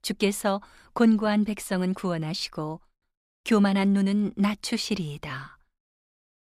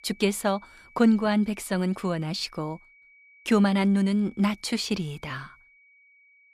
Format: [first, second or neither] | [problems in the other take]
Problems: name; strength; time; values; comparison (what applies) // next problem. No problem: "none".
first | high-pitched whine; faint; throughout; 2.5 kHz, 30 dB below the speech